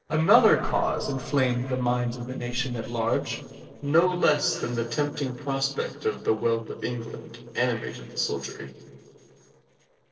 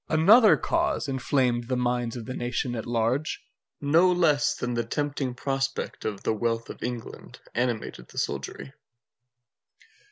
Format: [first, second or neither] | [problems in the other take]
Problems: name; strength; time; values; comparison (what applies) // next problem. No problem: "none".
second | noise reduction (neural separator model SepFormer DNS4)